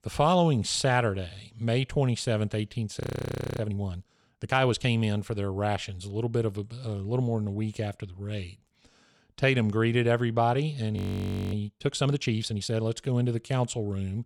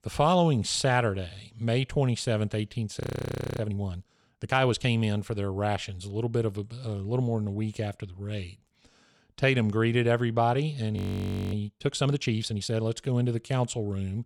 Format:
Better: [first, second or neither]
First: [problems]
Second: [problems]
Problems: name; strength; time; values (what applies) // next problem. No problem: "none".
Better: neither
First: audio freezing; at 3 s for 0.5 s and at 11 s for 0.5 s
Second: audio freezing; at 3 s for 0.5 s and at 11 s for 0.5 s